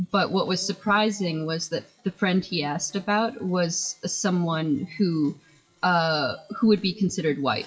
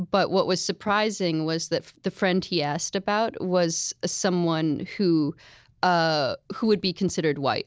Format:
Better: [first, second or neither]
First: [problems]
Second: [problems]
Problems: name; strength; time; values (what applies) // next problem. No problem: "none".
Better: second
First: noise reduction (classical method WPE with log-MMSE)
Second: none